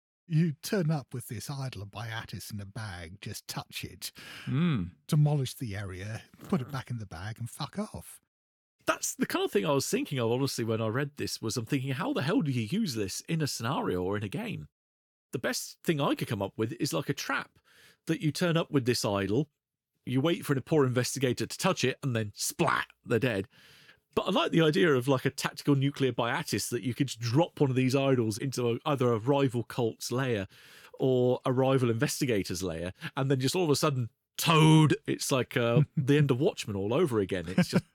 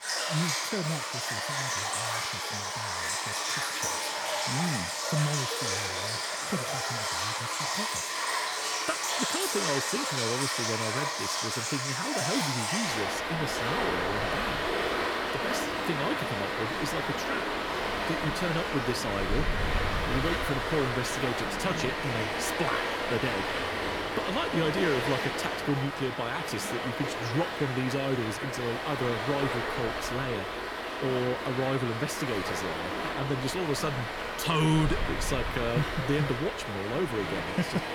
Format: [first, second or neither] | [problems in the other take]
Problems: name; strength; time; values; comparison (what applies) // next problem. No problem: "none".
first | rain or running water; very loud; throughout; 2 dB above the speech